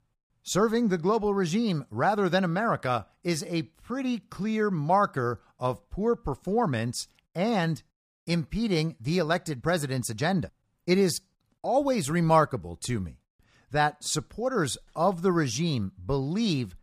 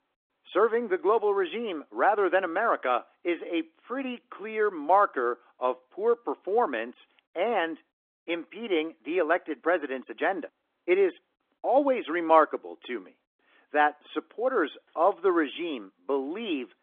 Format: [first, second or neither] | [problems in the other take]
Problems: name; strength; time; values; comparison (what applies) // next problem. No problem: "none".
first | phone-call audio; nothing above 3.5 kHz